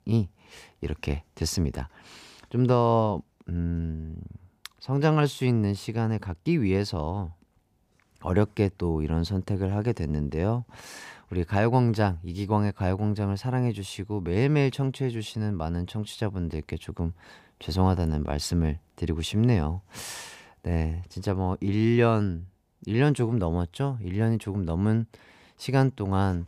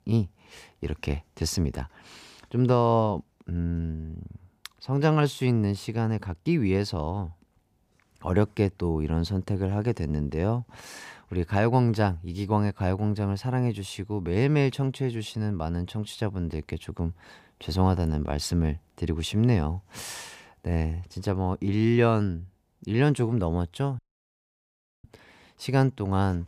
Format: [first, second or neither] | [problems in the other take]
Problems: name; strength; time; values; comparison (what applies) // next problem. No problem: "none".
first | audio cutting out; at 24 s for 1 s